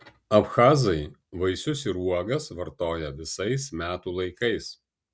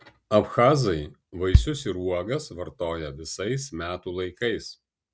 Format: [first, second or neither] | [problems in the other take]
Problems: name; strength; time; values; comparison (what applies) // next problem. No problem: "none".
first | background sound (Bass drum); as loud as the speech